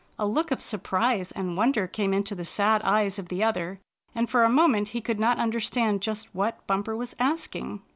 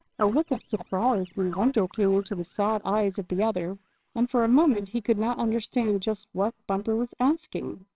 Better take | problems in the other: first | noise reduction (neural separator model SepFormer WHAMR!)

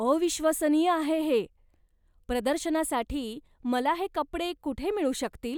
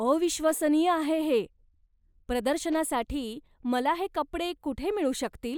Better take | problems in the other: first | noise reduction (neural mask model Resemble Enhance denoiser)

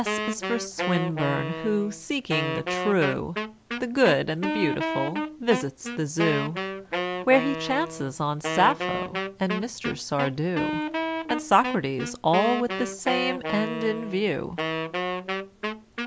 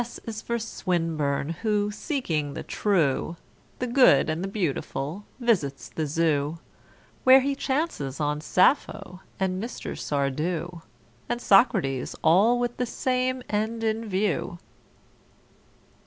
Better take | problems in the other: second | background sound (Wind instrument, woodwind instrument); 4 dB below the speech

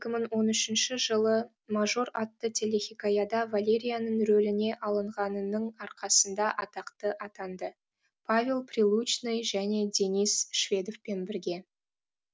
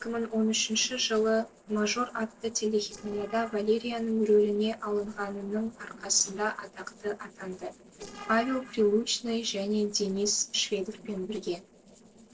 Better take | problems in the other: first | noise reduction (neural separator model SepFormer DNS4)

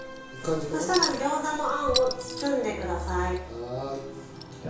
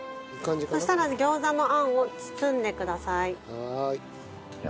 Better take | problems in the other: second | background sound (Chink, clink); 8 dB below the speech // room echo; dies away in 0.6 s

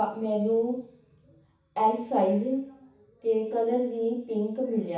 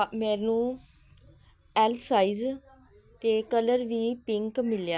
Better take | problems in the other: second | room echo; dies away in 0.7 s

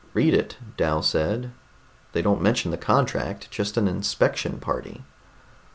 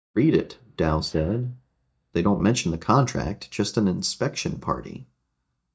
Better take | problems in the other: first | noise reduction (neural mask model DeepFilterNet 3)

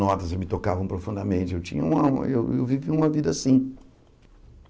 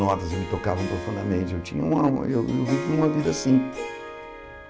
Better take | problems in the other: first | background sound (Harp); 11 dB below the speech

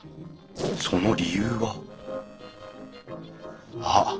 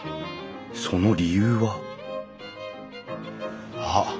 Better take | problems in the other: second | noise reduction (neural separator model SepFormer DNS4)

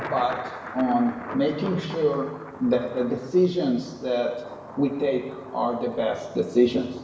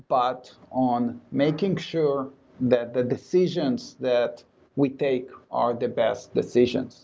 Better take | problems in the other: second | background sound (Thunder); 15 dB below the speech // room echo; dies away in 1.2 s

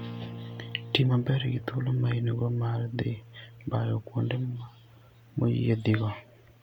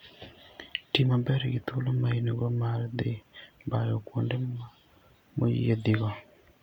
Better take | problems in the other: second | background sound (Acoustic guitar); 16 dB below the speech

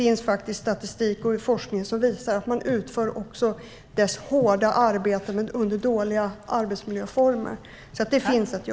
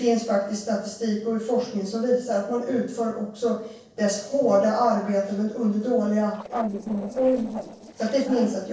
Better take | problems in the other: first | noise reduction (neural separator model SepFormer DNS4)

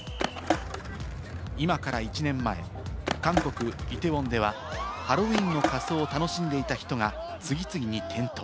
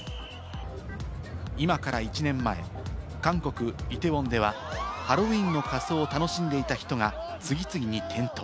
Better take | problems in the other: second | background sound (Skateboard); 6 dB below the speech

